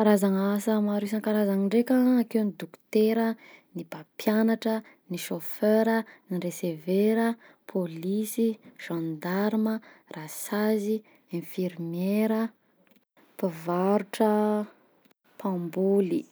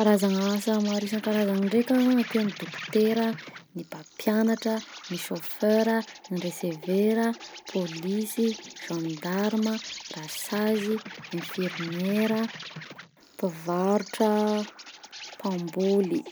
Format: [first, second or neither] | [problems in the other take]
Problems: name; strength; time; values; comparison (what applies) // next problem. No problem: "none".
first | background sound (Insect); 15 dB below the speech